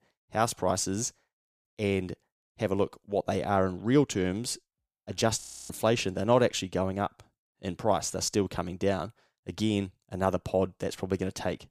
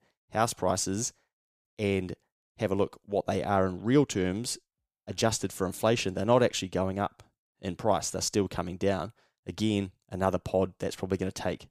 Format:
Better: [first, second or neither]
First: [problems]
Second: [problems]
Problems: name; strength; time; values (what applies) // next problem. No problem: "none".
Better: second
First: audio freezing; at 5.5 s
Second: none